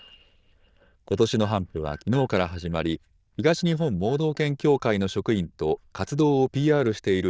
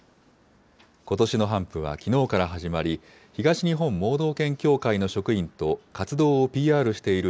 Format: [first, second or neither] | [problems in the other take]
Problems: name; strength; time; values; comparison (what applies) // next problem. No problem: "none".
second | noise reduction (neural diffusion model UNIVERSE++)